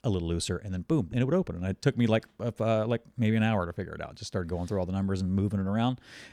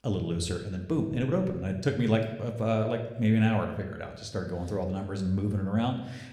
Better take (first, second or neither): first